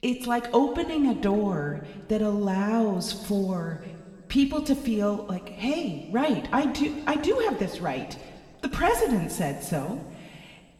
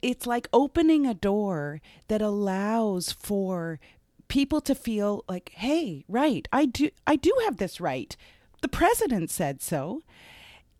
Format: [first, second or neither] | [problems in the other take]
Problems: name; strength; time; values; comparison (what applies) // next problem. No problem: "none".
second | room echo; slight; dies away in 1.8 s // off-mic speech; somewhat distant